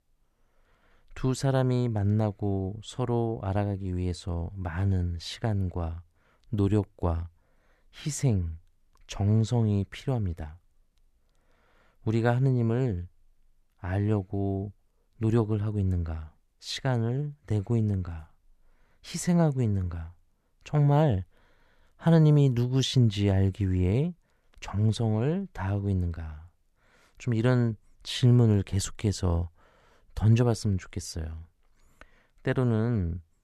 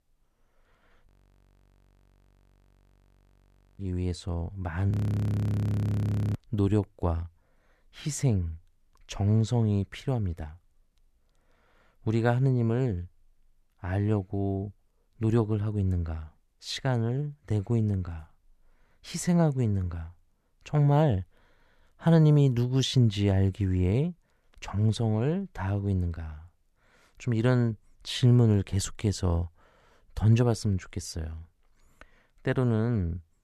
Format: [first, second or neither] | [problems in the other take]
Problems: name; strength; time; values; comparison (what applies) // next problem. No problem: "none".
first | audio freezing; at 1 s for 2.5 s and at 5 s for 1.5 s